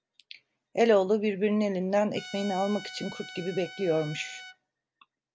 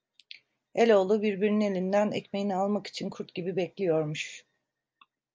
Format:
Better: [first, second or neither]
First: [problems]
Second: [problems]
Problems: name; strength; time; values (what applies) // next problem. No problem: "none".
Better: second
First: background sound (Trumpet); 15 dB below the speech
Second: none